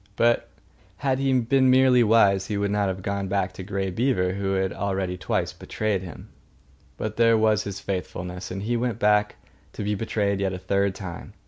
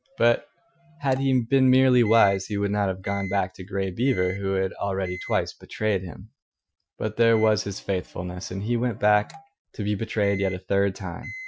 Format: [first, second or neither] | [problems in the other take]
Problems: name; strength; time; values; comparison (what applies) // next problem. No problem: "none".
first | noise reduction (classical method Wiener filter)